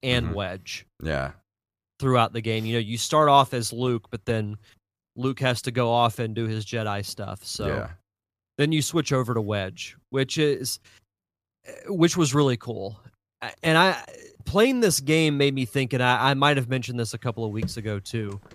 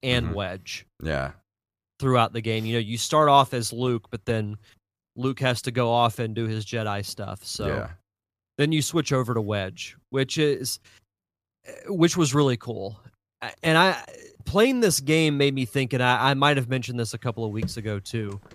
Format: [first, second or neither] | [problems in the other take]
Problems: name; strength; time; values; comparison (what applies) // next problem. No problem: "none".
neither | none